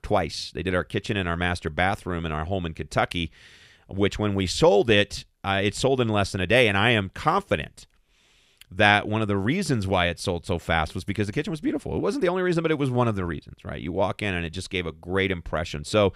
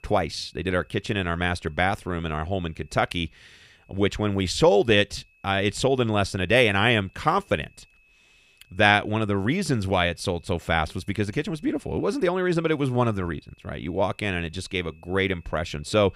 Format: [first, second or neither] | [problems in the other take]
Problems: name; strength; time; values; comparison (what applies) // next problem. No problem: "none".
first | high-pitched whine; faint; throughout; 2.5 kHz, 35 dB below the speech